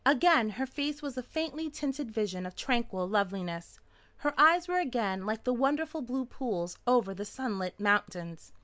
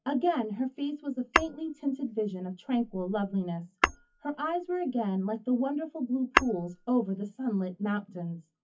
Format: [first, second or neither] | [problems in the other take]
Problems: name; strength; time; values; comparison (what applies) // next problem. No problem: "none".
first | noise reduction (classical method WPE with log-MMSE)